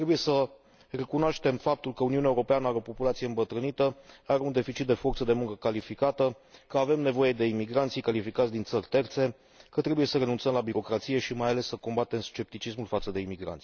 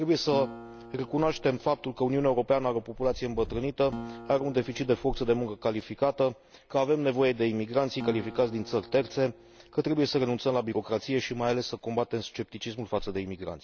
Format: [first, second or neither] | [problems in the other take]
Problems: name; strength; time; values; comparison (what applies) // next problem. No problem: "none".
first | background sound (Acoustic guitar + Purr); 17 dB below the speech